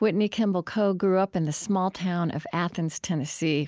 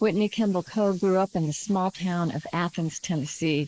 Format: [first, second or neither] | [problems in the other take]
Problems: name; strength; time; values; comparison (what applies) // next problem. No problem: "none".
first | noise reduction (neural mask model Resemble Enhance denoiser)